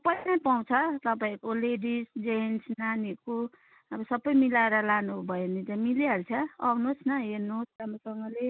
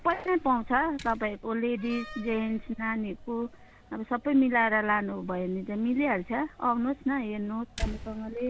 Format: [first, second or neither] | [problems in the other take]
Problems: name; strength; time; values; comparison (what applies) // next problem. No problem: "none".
first | background sound (Slam); 15 dB below the speech